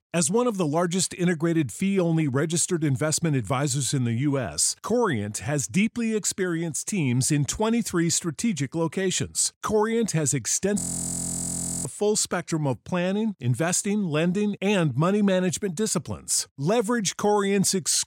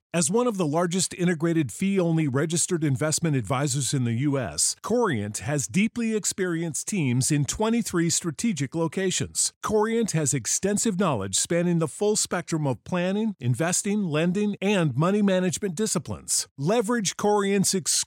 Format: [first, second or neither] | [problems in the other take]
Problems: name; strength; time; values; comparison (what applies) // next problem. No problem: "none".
second | audio freezing; at 11 s for 1 s